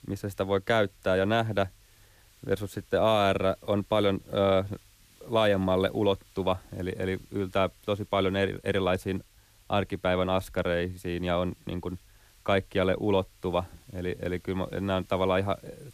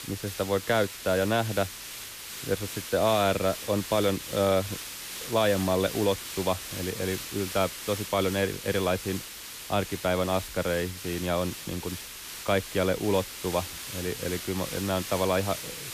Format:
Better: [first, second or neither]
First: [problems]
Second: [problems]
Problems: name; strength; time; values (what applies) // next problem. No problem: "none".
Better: first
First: hiss; faint; throughout; 30 dB below the speech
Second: hiss; loud; throughout; 8 dB below the speech